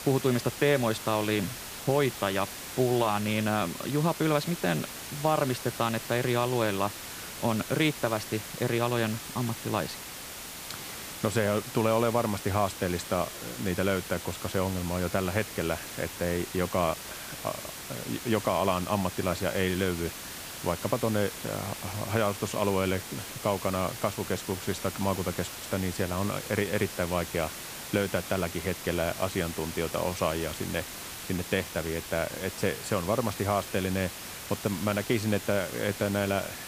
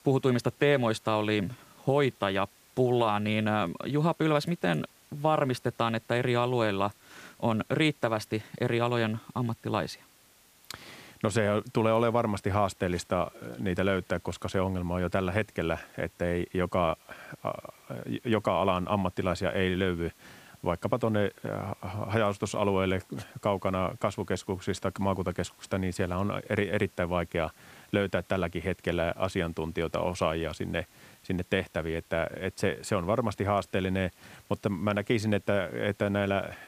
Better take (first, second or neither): second